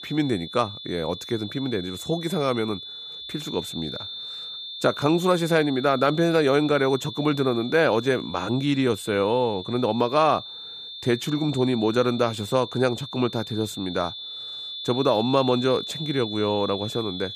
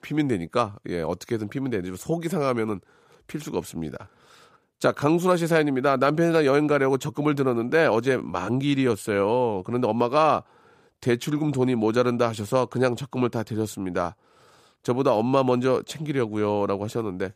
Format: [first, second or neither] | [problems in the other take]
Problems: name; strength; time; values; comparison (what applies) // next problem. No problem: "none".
second | high-pitched whine; noticeable; throughout; 3.5 kHz, 10 dB below the speech